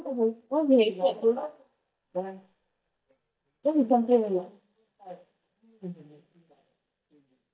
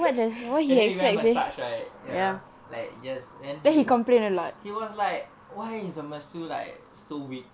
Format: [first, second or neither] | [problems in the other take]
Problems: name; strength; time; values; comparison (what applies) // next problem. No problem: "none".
second | noise reduction (neural mask model DeepFilterNet 3)